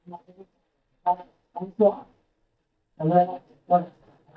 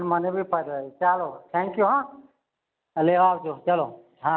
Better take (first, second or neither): second